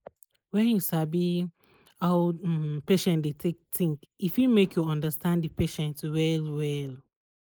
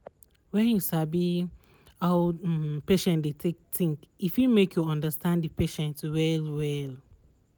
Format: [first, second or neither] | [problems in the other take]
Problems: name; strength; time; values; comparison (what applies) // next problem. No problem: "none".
second | noise reduction (neural mask model Resemble Enhance denoiser)